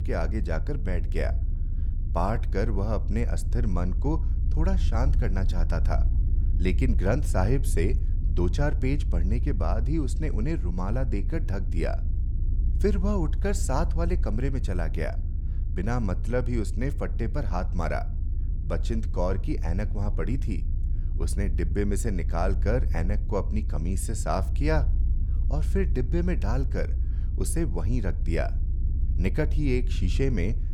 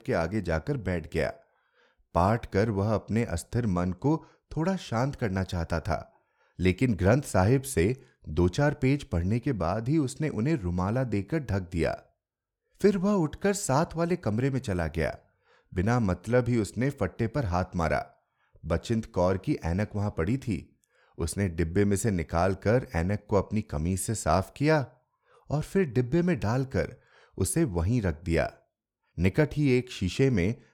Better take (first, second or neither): second